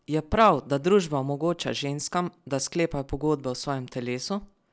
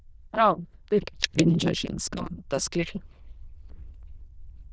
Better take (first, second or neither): first